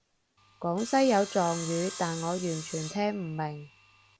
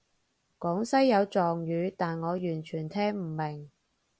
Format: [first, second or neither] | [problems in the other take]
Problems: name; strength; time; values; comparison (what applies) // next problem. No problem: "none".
second | background sound (Sawing); 13 dB below the speech